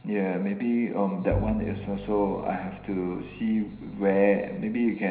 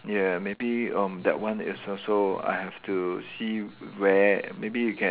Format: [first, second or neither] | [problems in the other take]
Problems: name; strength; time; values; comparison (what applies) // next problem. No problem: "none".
second | background sound (Bowed string instrument); 11 dB below the speech // room echo; dies away in 0.9 s